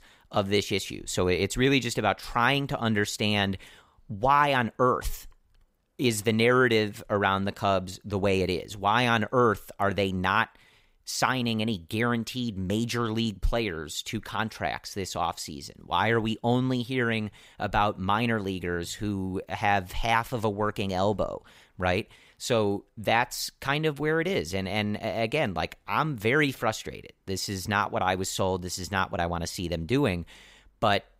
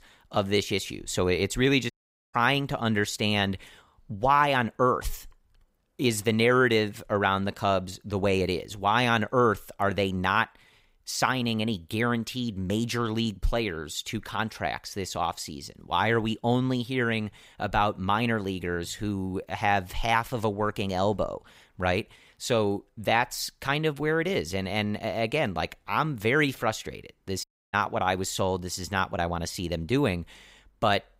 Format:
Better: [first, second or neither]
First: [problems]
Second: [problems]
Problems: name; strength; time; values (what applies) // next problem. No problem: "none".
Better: first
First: none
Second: audio cutting out; at 2 s and at 27 s